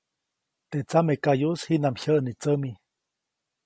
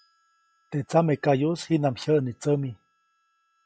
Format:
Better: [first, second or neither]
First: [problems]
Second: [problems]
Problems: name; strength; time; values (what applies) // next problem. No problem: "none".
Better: first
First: none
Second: noise reduction (classical method log-MMSE)